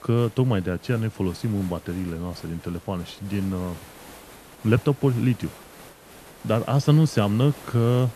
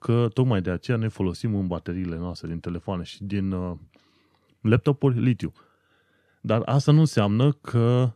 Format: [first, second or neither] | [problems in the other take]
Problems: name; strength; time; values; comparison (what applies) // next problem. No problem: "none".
second | hiss; noticeable; throughout; 20 dB below the speech